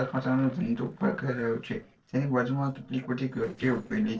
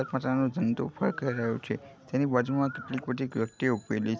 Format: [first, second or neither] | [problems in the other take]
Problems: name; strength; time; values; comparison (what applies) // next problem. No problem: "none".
second | noise reduction (neural separator model SepFormer DNS4)